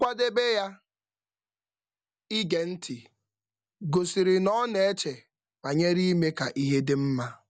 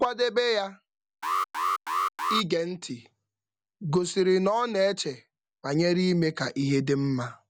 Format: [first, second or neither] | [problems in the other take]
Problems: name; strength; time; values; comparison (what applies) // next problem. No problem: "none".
first | background sound (Alarm); 2 dB below the speech